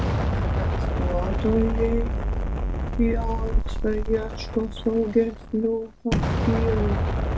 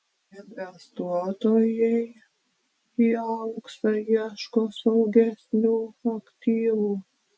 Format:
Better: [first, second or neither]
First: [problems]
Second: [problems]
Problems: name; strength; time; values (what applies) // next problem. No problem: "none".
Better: second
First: background sound (Explosion); 2 dB above the speech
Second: none